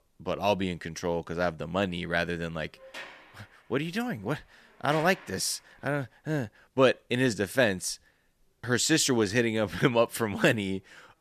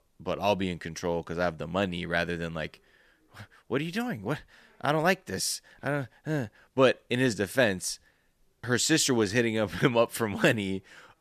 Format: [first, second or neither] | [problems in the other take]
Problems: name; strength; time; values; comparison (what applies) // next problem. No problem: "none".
second | door banging; faint; from 3 to 5.5 s; peak 10 dB below the speech